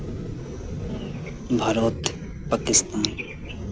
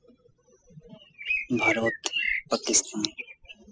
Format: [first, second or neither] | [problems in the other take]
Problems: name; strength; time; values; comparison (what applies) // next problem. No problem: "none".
first | noise reduction (classical method spectral subtraction)